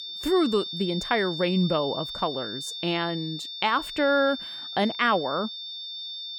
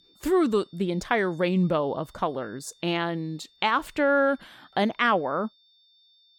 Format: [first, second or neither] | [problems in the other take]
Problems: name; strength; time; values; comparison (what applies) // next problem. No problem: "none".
second | high-pitched whine; loud; throughout; 3.5 kHz, 7 dB below the speech; faint in the second